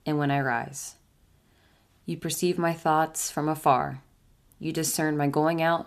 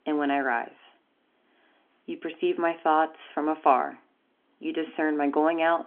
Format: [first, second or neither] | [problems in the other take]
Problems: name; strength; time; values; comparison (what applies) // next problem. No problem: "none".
first | phone-call audio